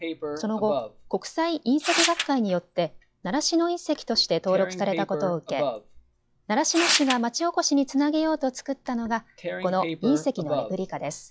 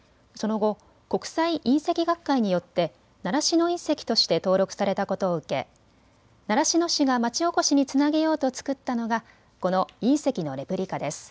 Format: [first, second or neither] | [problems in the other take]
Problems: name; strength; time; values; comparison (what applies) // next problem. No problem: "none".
second | noise reduction (classical method log-MMSE)